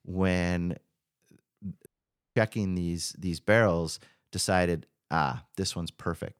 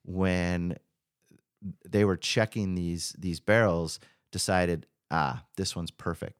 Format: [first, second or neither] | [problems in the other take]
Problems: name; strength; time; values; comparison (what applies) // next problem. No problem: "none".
second | audio cutting out; at 2 s